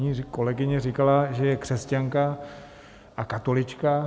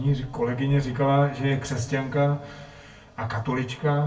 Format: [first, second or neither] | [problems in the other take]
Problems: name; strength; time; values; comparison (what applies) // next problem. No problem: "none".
first | room echo; dies away in 0.2 s